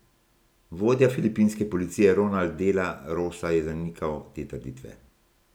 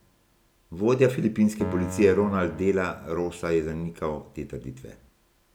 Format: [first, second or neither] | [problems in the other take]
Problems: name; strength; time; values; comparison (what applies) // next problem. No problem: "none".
first | background sound (Keyboard (musical)); 15 dB below the speech